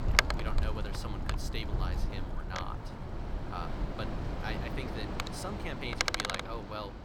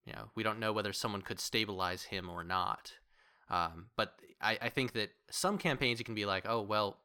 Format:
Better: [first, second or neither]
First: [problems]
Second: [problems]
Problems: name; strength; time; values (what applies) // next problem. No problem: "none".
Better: second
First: wind noise on the microphone; heavy; 5 dB above the speech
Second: none